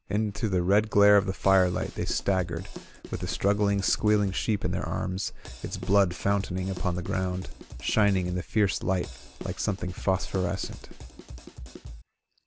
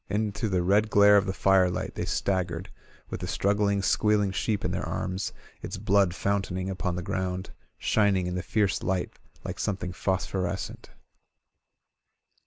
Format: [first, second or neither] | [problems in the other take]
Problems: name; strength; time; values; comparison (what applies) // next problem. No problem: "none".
second | background sound (Drum kit); 15 dB below the speech